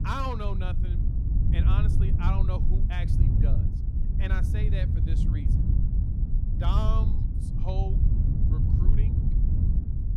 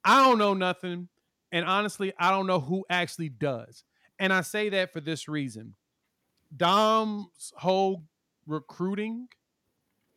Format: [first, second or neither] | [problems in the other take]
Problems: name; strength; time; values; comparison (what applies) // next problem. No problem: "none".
second | wind noise on the microphone; heavy; 3 dB below the speech